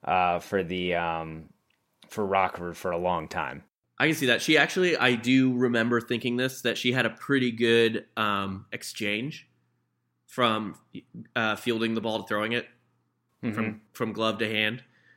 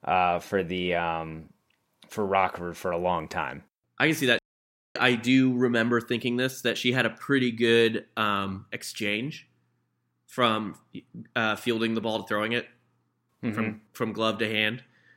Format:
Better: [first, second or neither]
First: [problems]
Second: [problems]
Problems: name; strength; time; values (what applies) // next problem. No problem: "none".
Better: first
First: none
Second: audio cutting out; at 4.5 s for 0.5 s